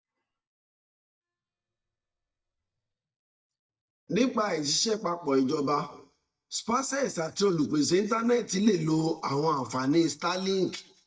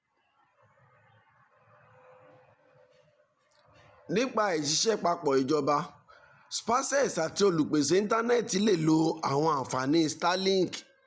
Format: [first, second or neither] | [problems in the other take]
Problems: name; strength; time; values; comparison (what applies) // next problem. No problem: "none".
second | noise reduction (neural mask model DeepFilterNet 3)